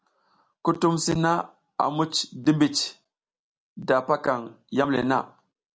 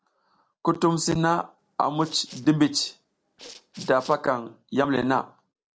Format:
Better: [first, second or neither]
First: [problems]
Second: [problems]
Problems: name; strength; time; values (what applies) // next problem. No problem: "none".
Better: first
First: none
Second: noise reduction (neural separator model SepFormer DNS4)